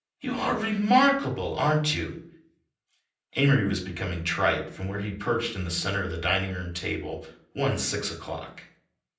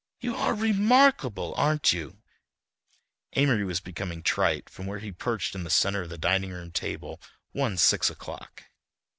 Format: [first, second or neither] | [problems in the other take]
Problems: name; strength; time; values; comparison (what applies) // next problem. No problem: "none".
second | room echo; dies away in 0.6 s